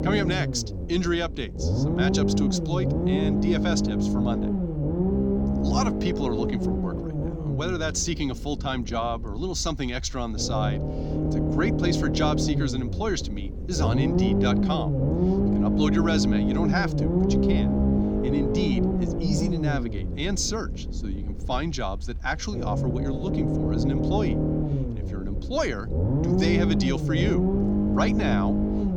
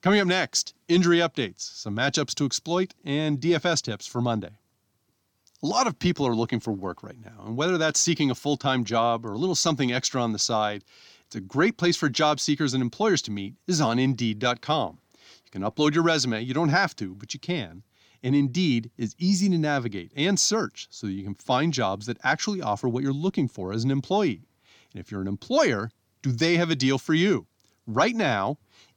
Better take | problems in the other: second | low rumble; loud; throughout; 1 dB below the speech

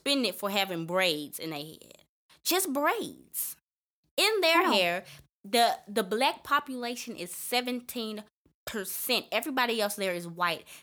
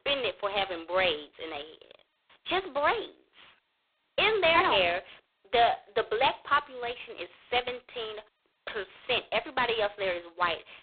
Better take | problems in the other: first | phone-call audio; poor line; nothing above 4 kHz

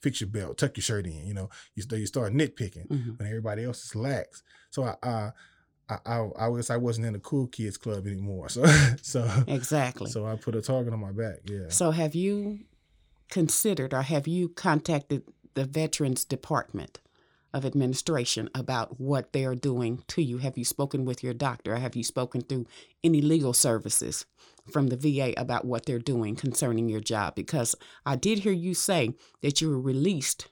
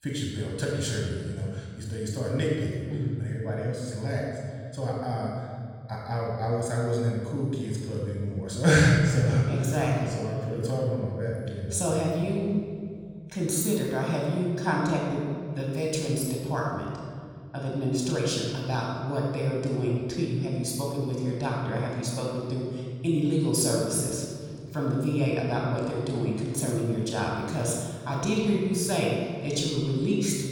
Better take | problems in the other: first | off-mic speech; somewhat distant // room echo; noticeable; dies away in 2 s

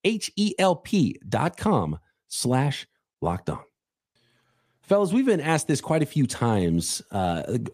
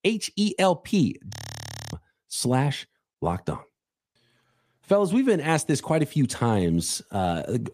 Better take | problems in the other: first | audio freezing; at 1.5 s for 0.5 s

